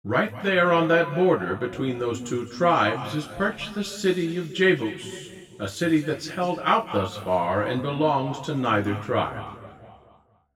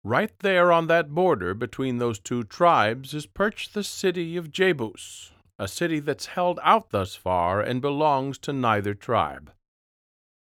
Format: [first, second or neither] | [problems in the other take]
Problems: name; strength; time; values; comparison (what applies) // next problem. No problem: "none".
second | room echo; noticeable; dies away in 1.8 s // off-mic speech; far